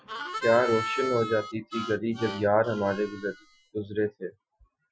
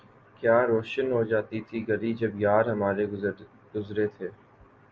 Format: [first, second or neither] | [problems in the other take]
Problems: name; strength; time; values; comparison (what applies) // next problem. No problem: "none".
second | noise reduction (classical method Wiener filter)